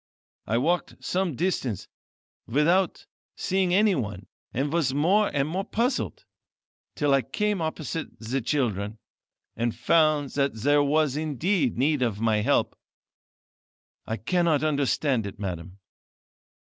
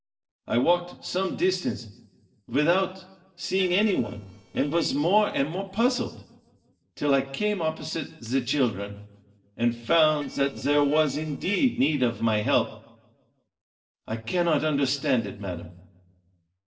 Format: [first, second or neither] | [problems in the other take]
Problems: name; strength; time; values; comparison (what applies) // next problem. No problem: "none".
first | noise reduction (neural separator model SepFormer DNS4)